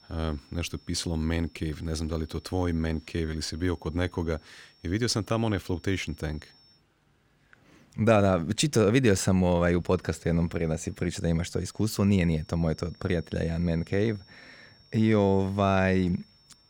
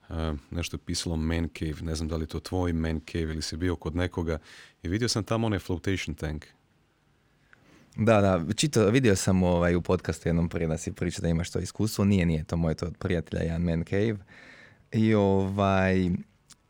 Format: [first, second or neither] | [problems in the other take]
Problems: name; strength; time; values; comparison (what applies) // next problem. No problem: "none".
second | high-pitched whine; faint; until 7 s and from 10 s on; 5.5 kHz, 30 dB below the speech